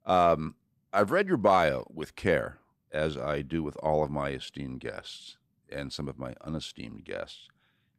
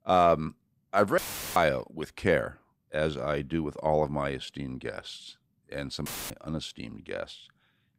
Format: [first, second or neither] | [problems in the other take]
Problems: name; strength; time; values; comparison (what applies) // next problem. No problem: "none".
first | audio cutting out; filled with static; at 1 s and at 6 s